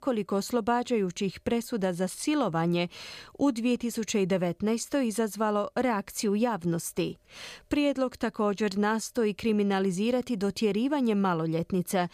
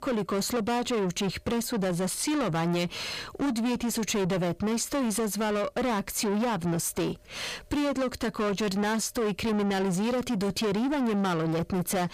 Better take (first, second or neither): first